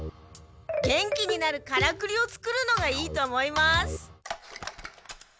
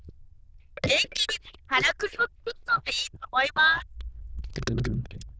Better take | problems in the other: first | noise reduction (neural diffusion model UNIVERSE++)

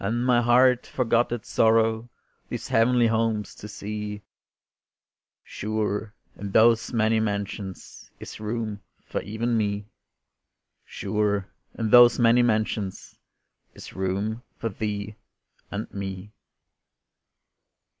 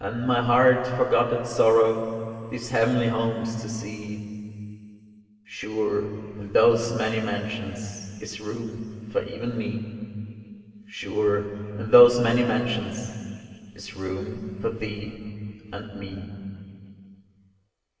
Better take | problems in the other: first | room echo; dies away in 2.6 s

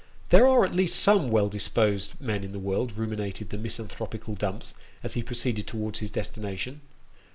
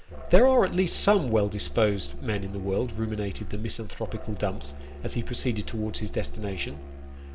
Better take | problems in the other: first | background sound (Musical instrument); 14 dB below the speech

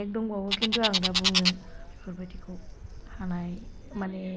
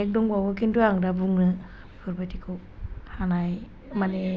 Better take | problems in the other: second | background sound (Bird); 1 dB above the speech

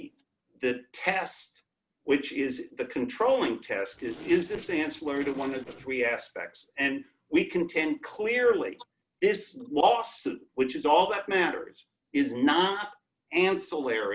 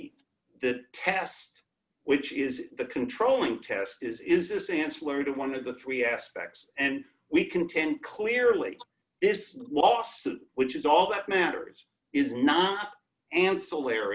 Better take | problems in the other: second | noise reduction (neural separator model SepFormer DNS4)

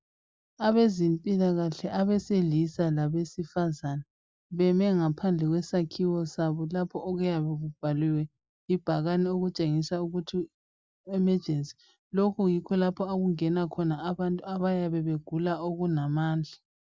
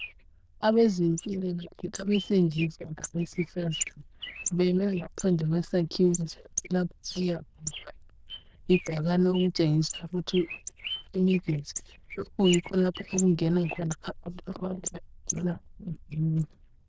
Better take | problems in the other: first | noise reduction (neural diffusion model UNIVERSE++)

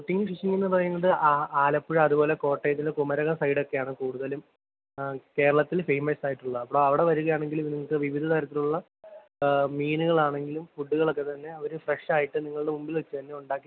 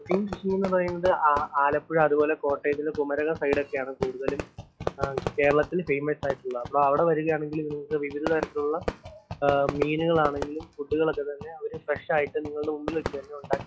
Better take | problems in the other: first | noise reduction (classical method log-MMSE)

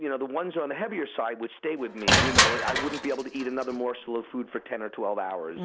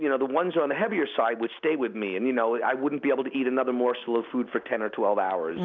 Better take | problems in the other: second | background sound (Crushing); 3 dB above the speech

